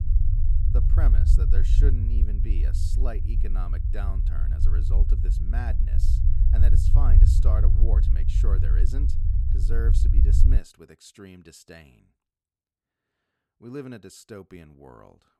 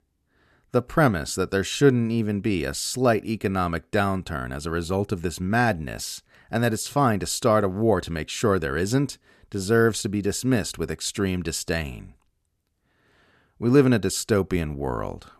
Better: second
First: low rumble; loud; until 11 s; as loud as the speech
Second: none

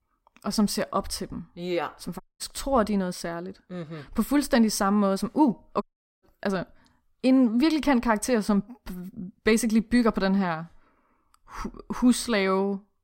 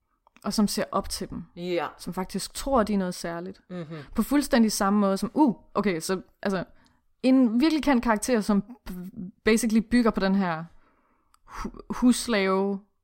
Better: second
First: audio cutting out; at 2 s and at 6 s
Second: none

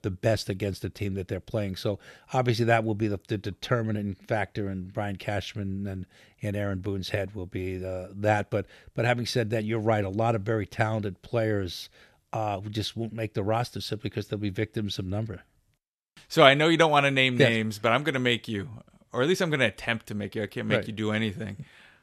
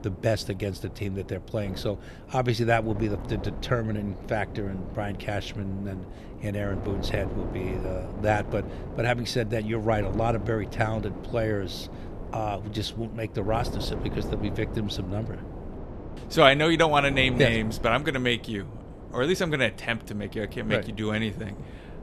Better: first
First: none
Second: wind noise on the microphone; occasional gusts; 15 dB below the speech

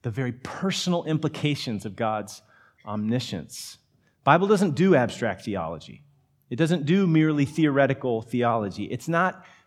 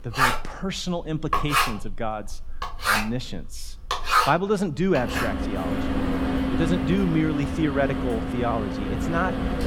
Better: first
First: none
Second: household noises; very loud; throughout; 1 dB above the speech

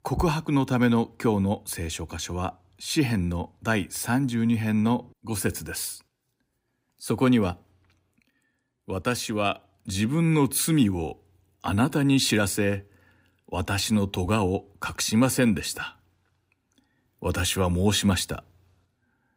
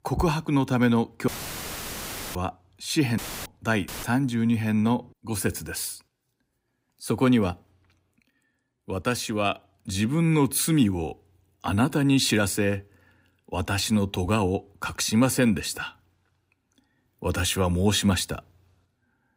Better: first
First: none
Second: audio cutting out; filled with static; at 1.5 s for 1 s, at 3 s and at 4 s

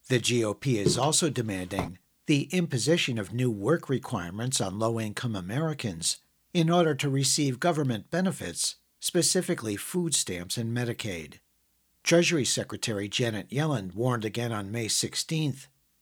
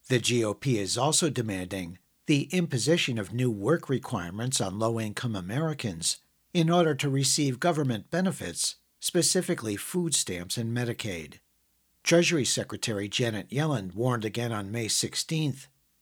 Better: second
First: footsteps; noticeable; from 1 to 2 s; peak 2 dB below the speech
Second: none

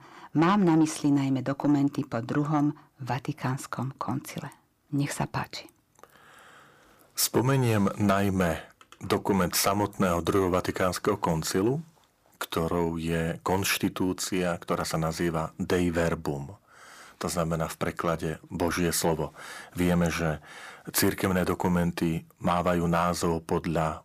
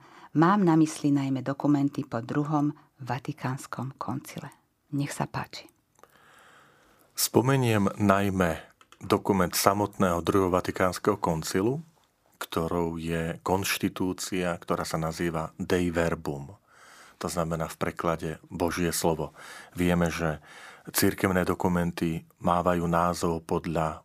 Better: second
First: distortion; slight; 10 dB below the speech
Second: none

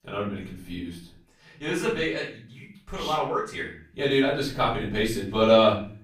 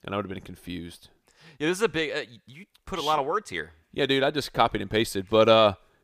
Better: second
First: off-mic speech; far // room echo; noticeable; dies away in 0.4 s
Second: none

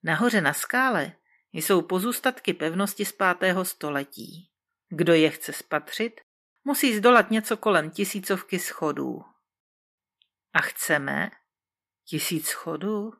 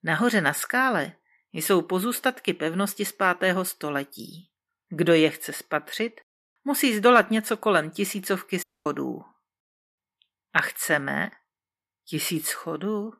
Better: first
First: none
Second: audio cutting out; at 8.5 s

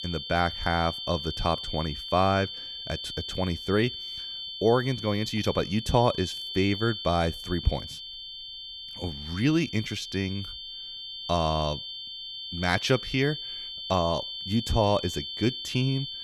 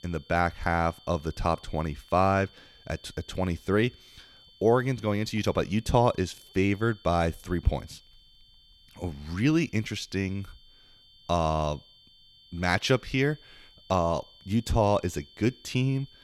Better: second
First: high-pitched whine; loud; throughout; 3 kHz, 7 dB below the speech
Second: high-pitched whine; faint; throughout; 3 kHz, 25 dB below the speech

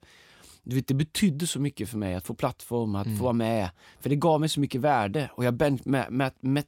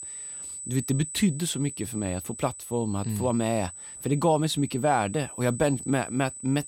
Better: first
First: none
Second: high-pitched whine; noticeable; throughout; 8 kHz, 10 dB below the speech

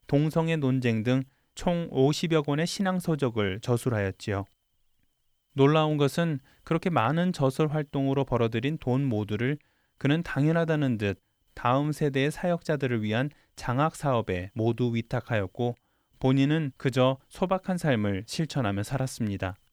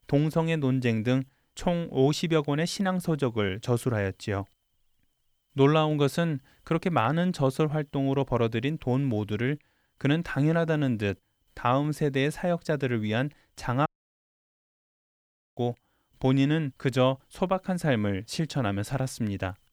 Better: first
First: none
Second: audio cutting out; at 14 s for 1.5 s

